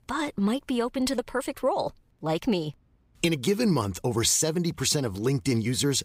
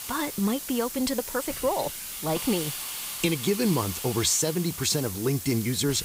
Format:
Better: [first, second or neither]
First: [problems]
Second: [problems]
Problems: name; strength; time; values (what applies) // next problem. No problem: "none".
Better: first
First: none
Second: hiss; loud; throughout; 6 dB below the speech